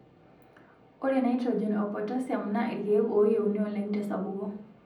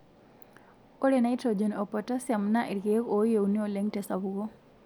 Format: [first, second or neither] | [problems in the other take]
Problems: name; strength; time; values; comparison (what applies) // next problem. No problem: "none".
second | room echo; dies away in 0.6 s